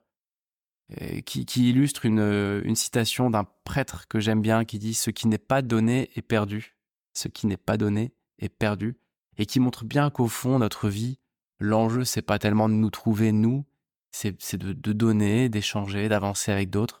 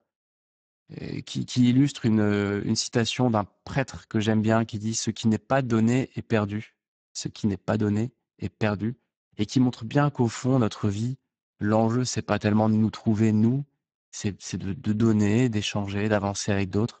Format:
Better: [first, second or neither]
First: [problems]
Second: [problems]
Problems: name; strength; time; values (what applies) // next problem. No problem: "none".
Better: first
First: none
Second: garbled, watery; badly; nothing above 8 kHz